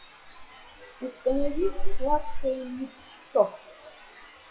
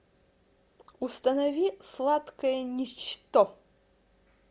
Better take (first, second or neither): second